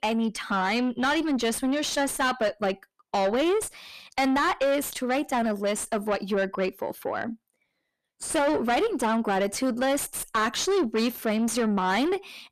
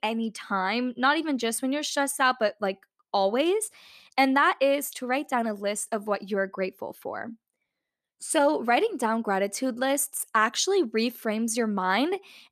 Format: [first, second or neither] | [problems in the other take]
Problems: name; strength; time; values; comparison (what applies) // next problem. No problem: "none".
second | distortion; heavy; 7 dB below the speech